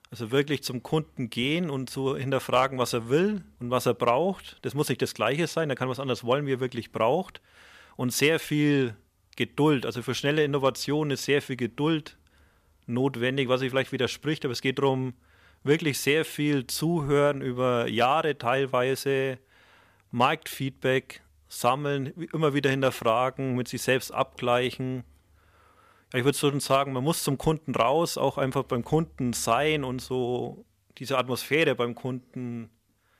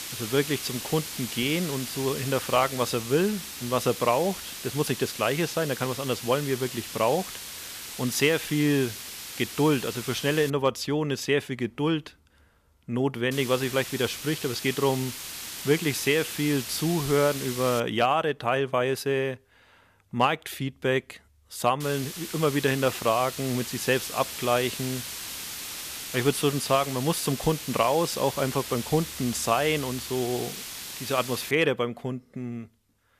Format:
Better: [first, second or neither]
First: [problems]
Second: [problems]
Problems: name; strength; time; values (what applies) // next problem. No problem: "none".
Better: first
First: none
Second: hiss; loud; until 11 s, from 13 to 18 s and from 22 to 32 s; 8 dB below the speech